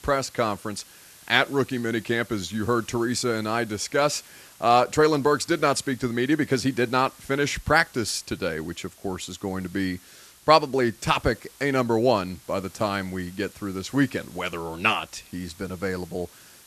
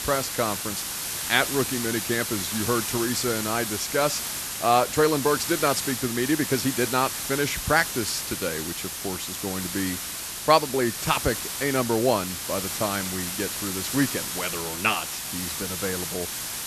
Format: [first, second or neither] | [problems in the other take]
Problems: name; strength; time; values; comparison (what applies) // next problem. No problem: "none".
first | hiss; loud; throughout; 3 dB below the speech; faint in the first